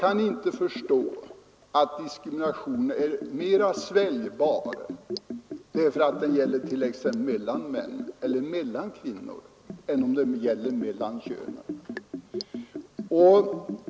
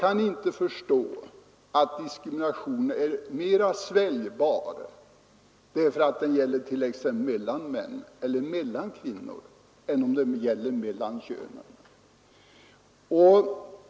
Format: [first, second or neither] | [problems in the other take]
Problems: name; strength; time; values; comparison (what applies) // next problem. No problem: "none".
second | background sound (Liquid); 12 dB below the speech